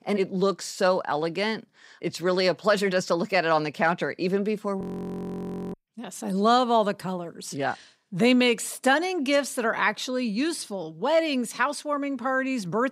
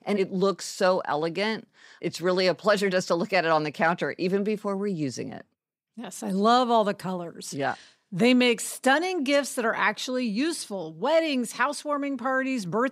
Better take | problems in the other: second | audio freezing; at 5 s for 1 s

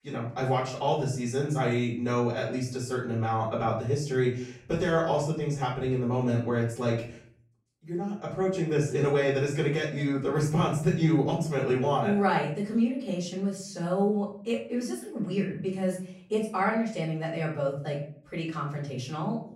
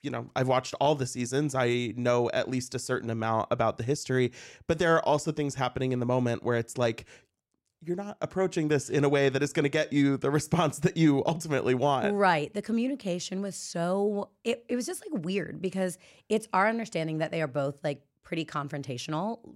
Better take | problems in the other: second | off-mic speech; far // room echo; noticeable; dies away in 0.5 s

